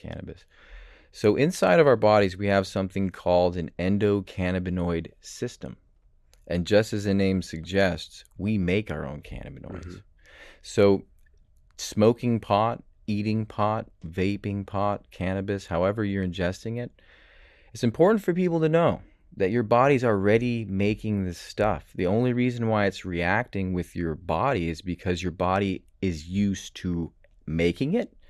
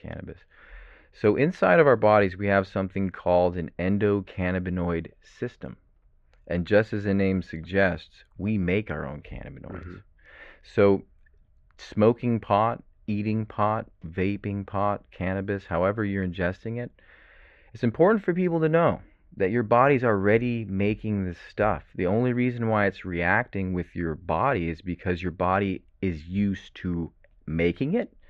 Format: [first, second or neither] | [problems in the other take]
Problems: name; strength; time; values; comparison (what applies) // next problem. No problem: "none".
first | muffled; slightly; fading above 2 kHz